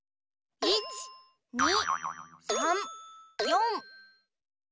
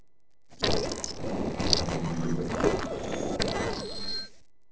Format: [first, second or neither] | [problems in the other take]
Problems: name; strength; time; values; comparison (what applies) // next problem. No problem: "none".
first | noise reduction (neural separator model SepFormer DNS4)